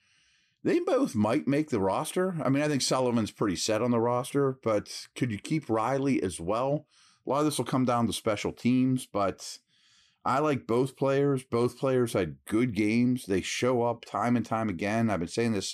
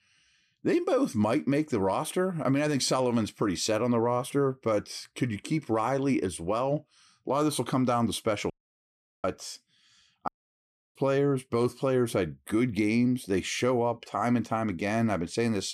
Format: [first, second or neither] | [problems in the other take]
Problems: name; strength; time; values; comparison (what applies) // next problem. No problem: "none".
first | audio cutting out; at 8.5 s for 0.5 s and at 10 s for 0.5 s